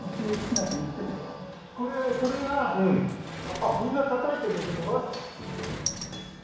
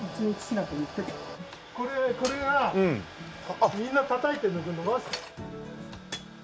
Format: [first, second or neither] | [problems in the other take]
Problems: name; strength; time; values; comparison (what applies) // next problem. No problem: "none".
second | background sound (Sliding door); 10 dB below the speech // room echo; dies away in 1.1 s